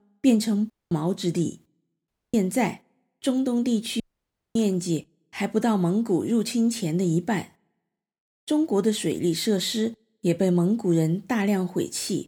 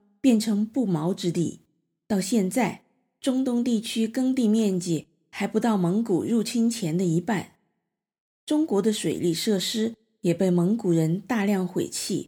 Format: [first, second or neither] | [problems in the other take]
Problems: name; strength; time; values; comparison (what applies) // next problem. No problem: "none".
second | audio cutting out; at 0.5 s, at 2 s and at 4 s for 0.5 s